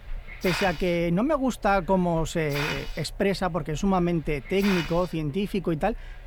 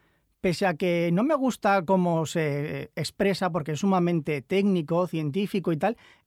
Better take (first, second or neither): second